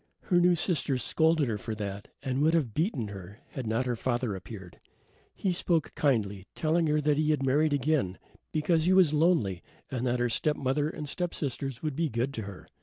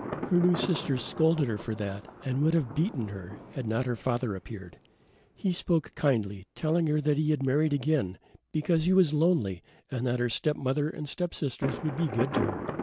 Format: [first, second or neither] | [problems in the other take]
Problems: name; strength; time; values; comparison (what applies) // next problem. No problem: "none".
first | background sound (Thunder); 12 dB below the speech